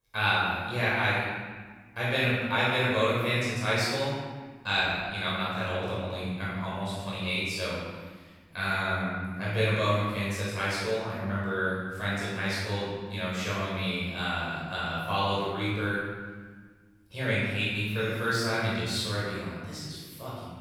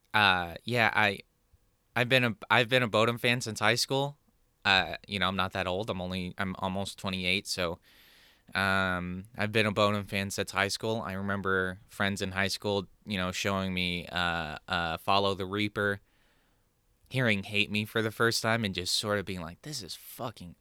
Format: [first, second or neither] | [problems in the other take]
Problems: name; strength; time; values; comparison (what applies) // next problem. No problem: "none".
second | off-mic speech; far // room echo; strong; dies away in 1.4 s